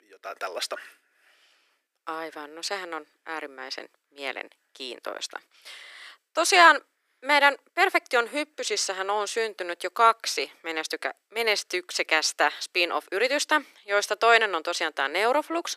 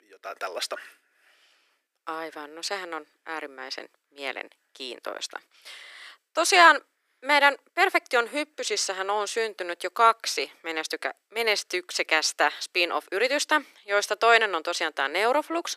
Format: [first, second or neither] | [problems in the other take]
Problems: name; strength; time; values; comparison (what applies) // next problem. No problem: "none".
neither | thin; very; fading below 350 Hz; the same in both